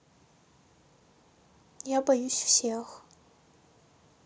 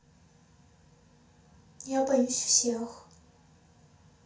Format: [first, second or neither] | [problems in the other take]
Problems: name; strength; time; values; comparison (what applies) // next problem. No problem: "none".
first | room echo; dies away in 0.3 s